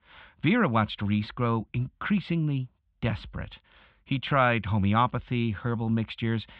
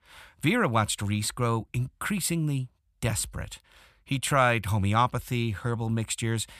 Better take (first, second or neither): second